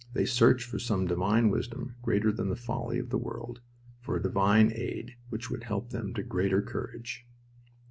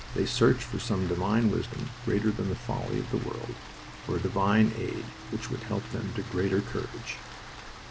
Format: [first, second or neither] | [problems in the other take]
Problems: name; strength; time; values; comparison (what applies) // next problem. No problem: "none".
first | background sound (Rain); 13 dB below the speech